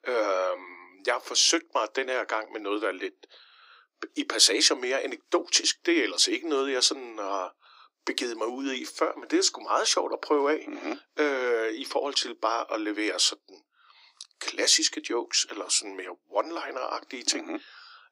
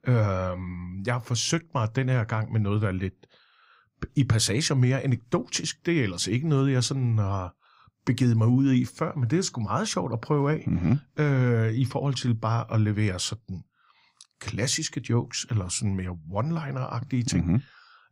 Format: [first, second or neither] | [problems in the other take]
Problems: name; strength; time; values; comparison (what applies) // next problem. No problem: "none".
second | thin; very; fading below 300 Hz